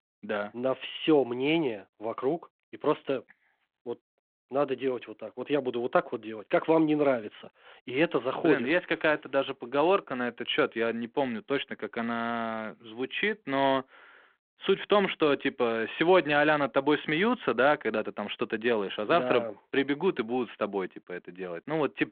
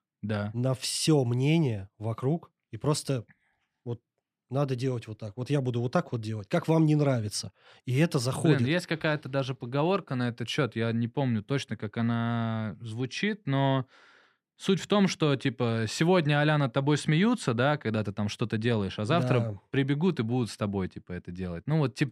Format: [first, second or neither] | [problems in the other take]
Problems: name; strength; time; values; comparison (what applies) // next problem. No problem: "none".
second | phone-call audio